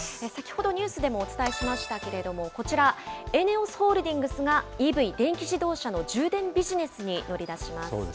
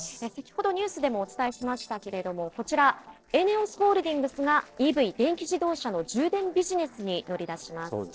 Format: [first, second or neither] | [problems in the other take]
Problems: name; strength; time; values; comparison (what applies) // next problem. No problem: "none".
first | noise reduction (neural separator model SepFormer DNS4)